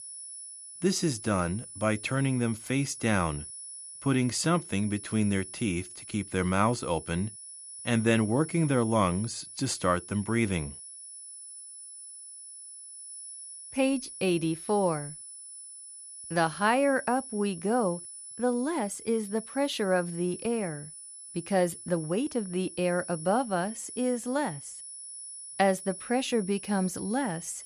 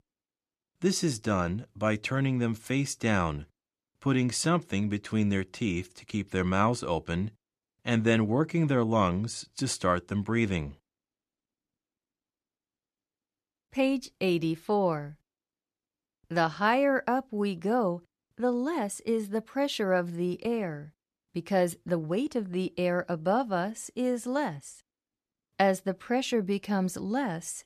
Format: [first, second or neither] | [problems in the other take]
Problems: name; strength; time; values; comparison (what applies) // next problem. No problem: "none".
second | high-pitched whine; noticeable; throughout; 10 kHz, 10 dB below the speech